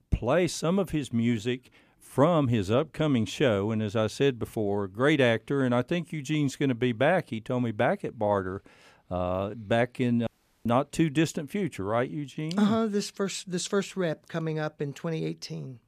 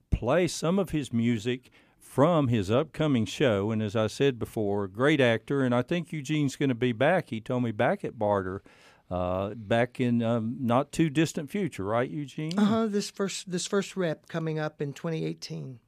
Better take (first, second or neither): second